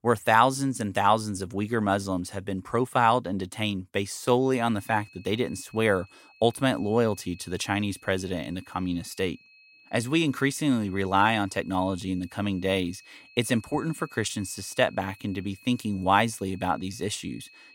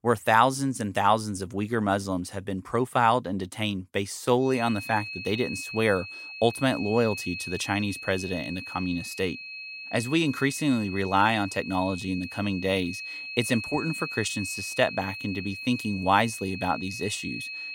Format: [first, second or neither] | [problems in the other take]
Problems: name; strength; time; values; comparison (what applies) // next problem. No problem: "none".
first | high-pitched whine; loud; from 4.5 s on; 2.5 kHz, 9 dB below the speech; faint in the first